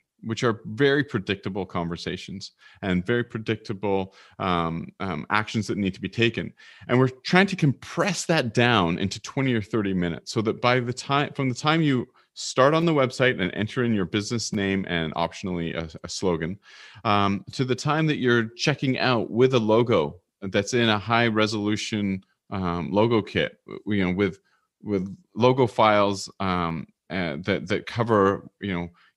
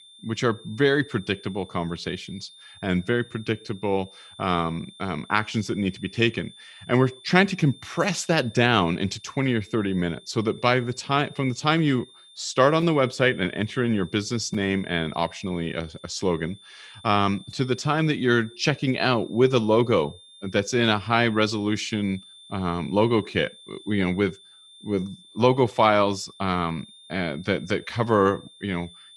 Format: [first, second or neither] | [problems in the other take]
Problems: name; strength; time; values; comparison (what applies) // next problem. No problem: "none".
first | high-pitched whine; faint; throughout; 3.5 kHz, 20 dB below the speech